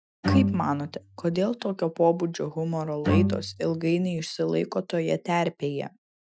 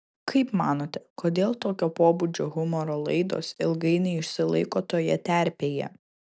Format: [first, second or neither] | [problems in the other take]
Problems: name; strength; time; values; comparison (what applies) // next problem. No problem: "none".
second | noise reduction (classical method Wiener filter)